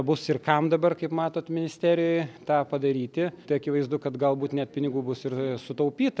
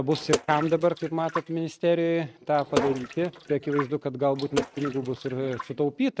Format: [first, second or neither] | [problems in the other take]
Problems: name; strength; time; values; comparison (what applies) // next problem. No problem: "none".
first | noise reduction (neural mask model RNNoise)